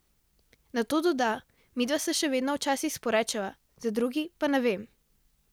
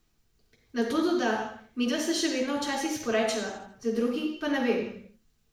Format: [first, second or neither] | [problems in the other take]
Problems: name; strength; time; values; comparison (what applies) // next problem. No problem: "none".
first | room echo; dies away in 0.6 s